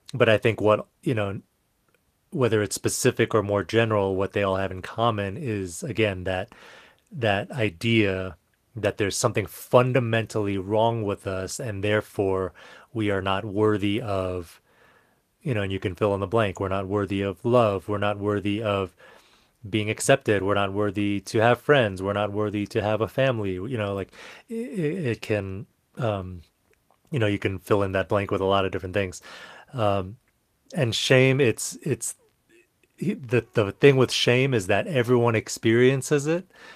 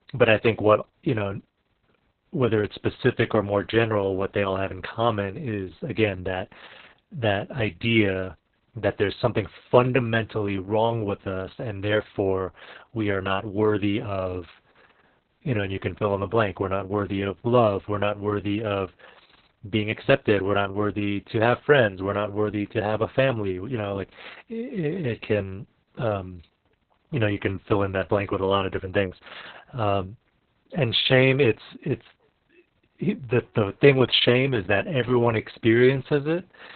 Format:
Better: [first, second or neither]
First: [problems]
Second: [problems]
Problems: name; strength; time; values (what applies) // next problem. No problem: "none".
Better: first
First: garbled, watery; slightly; nothing above 14.5 kHz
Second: garbled, watery; badly; nothing above 4 kHz